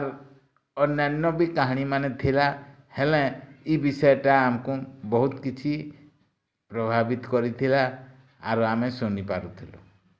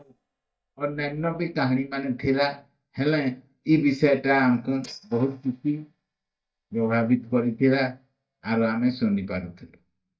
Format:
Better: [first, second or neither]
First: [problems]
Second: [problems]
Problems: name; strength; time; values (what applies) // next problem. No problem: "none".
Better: first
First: none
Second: noise reduction (neural mask model DeepFilterNet 3)